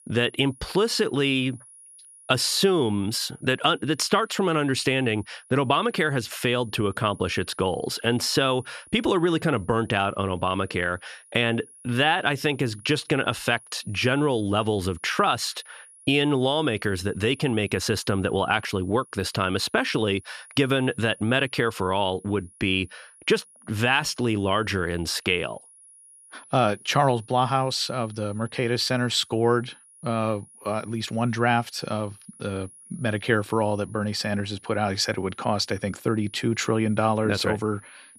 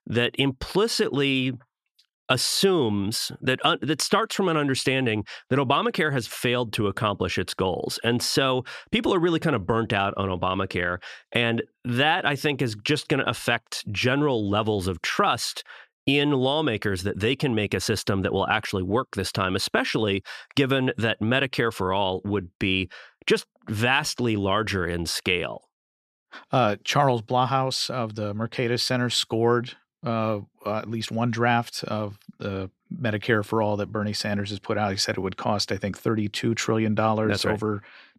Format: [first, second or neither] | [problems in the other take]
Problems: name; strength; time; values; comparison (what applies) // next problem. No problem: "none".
second | high-pitched whine; faint; throughout; 10.5 kHz, 25 dB below the speech